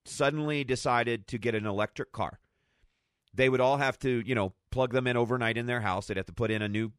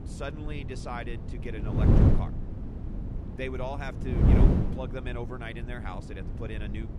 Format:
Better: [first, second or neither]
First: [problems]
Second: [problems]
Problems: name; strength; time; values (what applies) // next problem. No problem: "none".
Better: first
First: none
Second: wind noise on the microphone; heavy; 1 dB above the speech